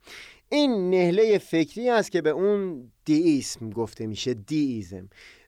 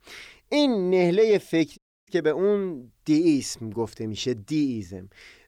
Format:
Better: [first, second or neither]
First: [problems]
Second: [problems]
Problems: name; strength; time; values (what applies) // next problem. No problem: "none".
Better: first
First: none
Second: audio cutting out; at 2 s